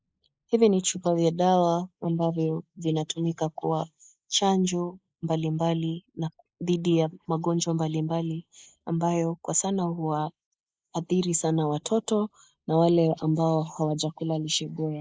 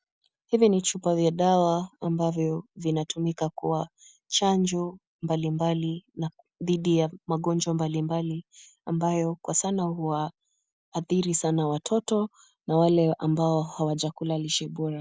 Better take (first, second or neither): second